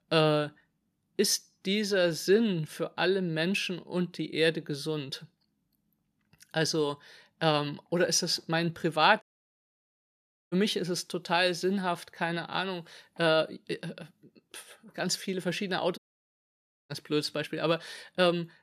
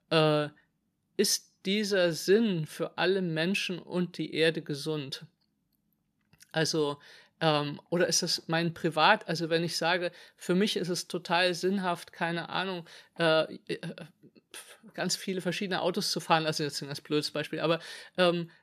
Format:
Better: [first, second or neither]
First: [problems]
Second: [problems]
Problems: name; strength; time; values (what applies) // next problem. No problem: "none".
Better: second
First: audio cutting out; at 9 s for 1.5 s and at 16 s for 1 s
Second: none